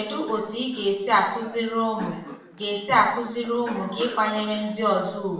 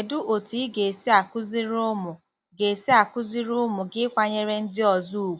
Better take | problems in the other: second | background sound (Cough); 18 dB below the speech // room echo; dies away in 0.7 s

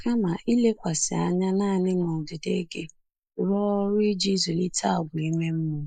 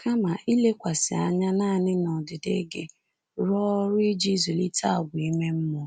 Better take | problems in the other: second | noise reduction (neural mask model Resemble Enhance denoiser)

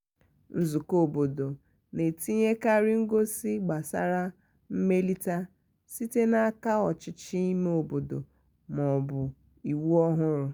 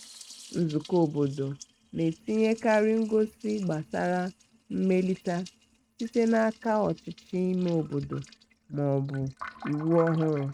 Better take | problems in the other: first | noise reduction (neural mask model RNNoise)

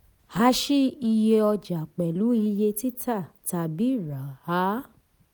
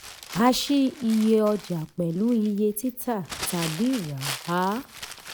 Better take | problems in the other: first | background sound (Crumpling, crinkling); 14 dB below the speech

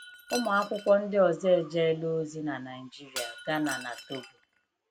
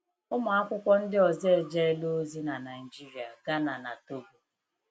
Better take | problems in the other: second | background sound (Shatter); 15 dB below the speech

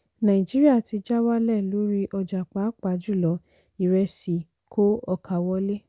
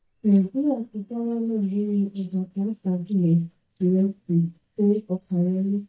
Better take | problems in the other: first | noise reduction (neural mask model DeepFilterNet 3)

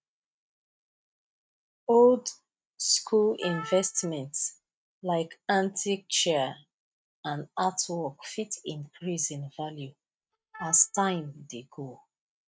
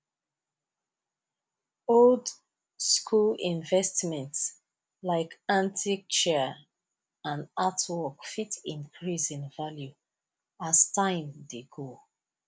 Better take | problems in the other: second | noise reduction (neural mask model RNNoise)

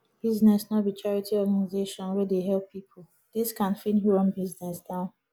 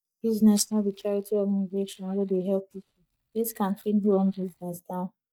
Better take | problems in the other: first | noise reduction (neural mask model DeepFilterNet 3)

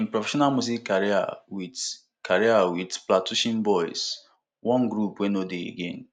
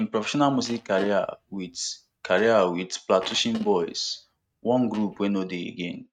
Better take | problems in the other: first | noise reduction (neural mask model RNNoise)

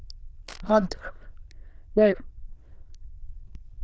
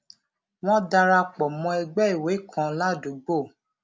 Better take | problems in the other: second | noise reduction (neural diffusion model UNIVERSE++)

